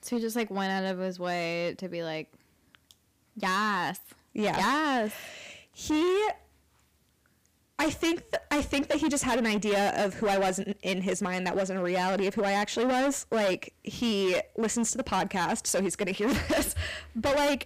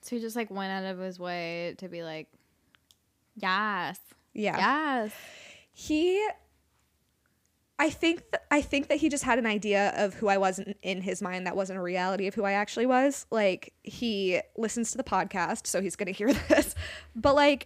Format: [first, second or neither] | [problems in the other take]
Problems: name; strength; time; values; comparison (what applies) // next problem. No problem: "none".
second | distortion; heavy; 14% of the sound clipped